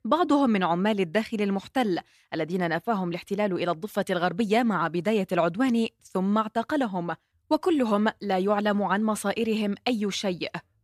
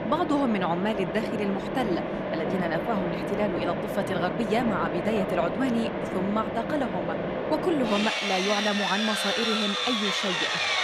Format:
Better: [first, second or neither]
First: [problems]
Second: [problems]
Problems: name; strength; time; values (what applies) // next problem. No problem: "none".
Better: first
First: none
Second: machinery noise; very loud; throughout; as loud as the speech